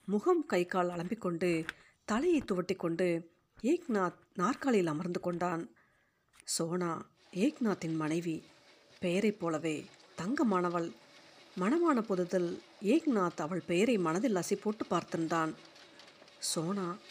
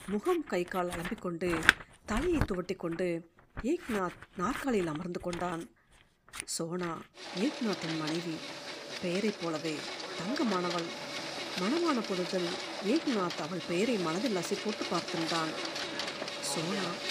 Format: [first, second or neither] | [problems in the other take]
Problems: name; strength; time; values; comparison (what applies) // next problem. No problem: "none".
first | household noises; loud; throughout; 2 dB below the speech; faint in the first